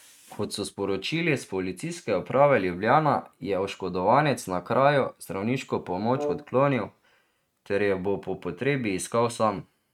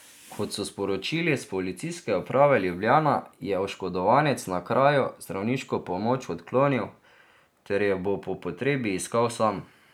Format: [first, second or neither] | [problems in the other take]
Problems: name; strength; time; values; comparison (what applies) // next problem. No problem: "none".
second | noise reduction (neural mask model RNNoise)